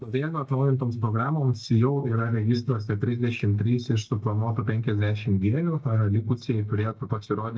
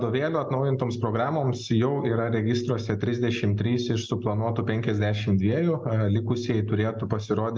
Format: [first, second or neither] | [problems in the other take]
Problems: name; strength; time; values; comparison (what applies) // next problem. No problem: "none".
second | noise reduction (neural mask model DeepFilterNet 3)